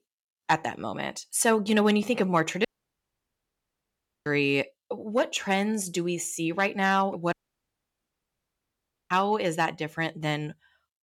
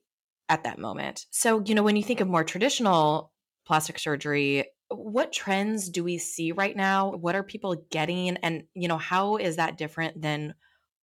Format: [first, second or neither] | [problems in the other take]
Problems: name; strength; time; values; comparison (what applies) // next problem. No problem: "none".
second | audio cutting out; at 2.5 s for 1.5 s and at 7.5 s for 2 s